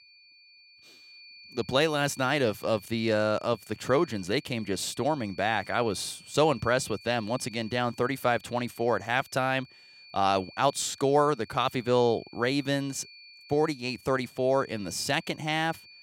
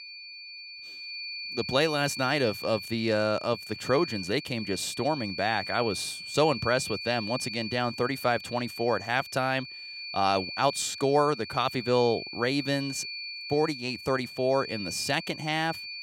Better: first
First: high-pitched whine; faint; throughout; 4.5 kHz, 20 dB below the speech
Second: high-pitched whine; loud; throughout; 4.5 kHz, 8 dB below the speech

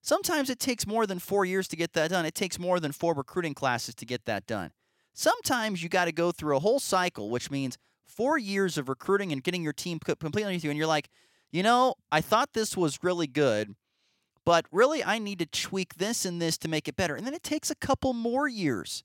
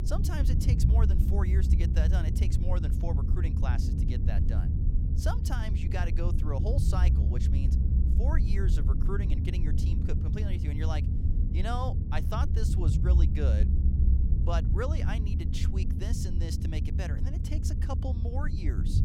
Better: first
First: none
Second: low rumble; loud; throughout; 3 dB below the speech

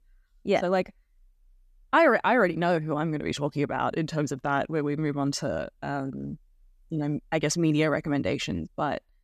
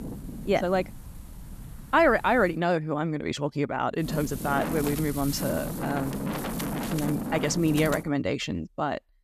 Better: first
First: none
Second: wind noise on the microphone; heavy; until 2.5 s and from 4 to 8 s; 9 dB below the speech

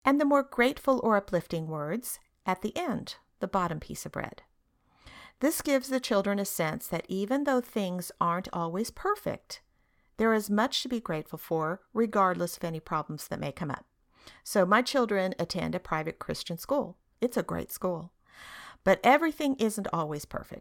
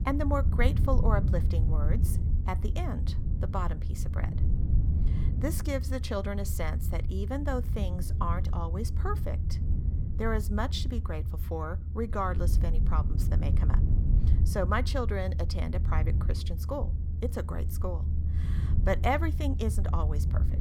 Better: first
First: none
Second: low rumble; noticeable; throughout; 10 dB below the speech

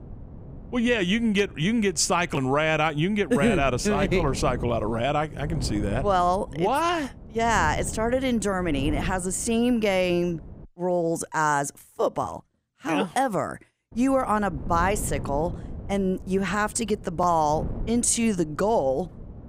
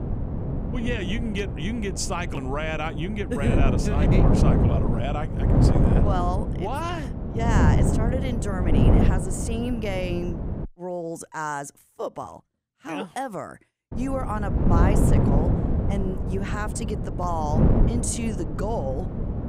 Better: first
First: wind noise on the microphone; occasional gusts; until 11 s and from 14 s on; 20 dB below the speech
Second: wind noise on the microphone; heavy; until 11 s and from 14 s on; 1 dB below the speech

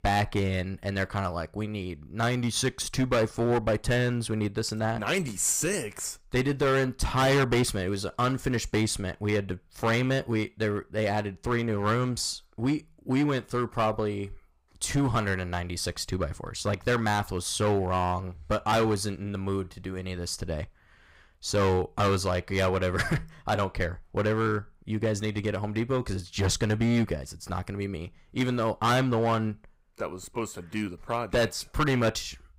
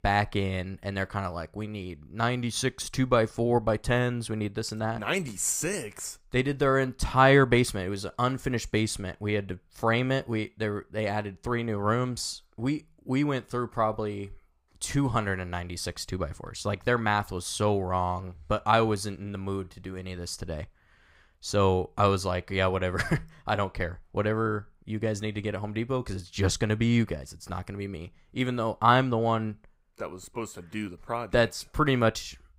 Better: second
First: distortion; heavy; 7% of the sound clipped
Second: none

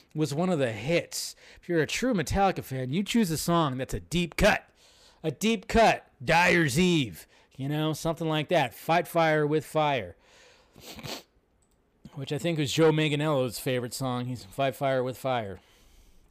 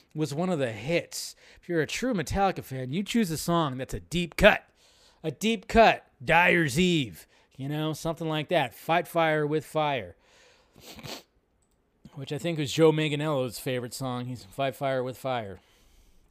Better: second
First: distortion; slight; 10 dB below the speech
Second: none

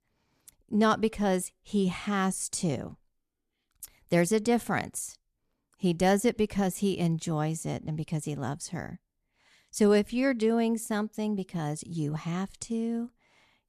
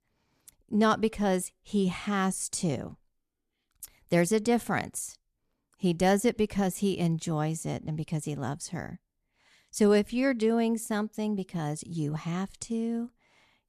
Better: neither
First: none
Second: none

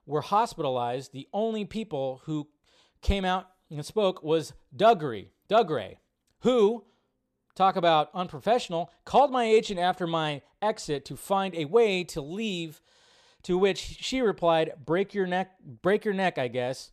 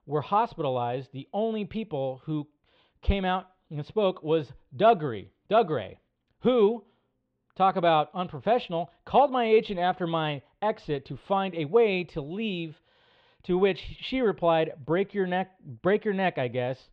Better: first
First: none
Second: muffled; slightly; fading above 3 kHz

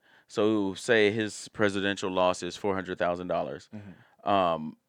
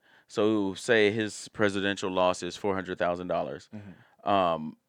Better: neither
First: none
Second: none

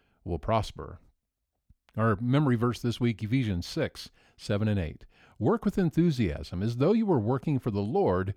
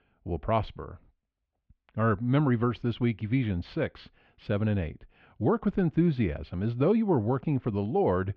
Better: first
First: none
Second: muffled; slightly; fading above 3 kHz

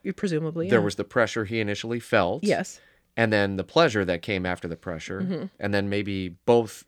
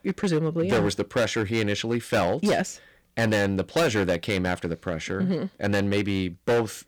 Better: first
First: none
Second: distortion; heavy; 10% of the sound clipped

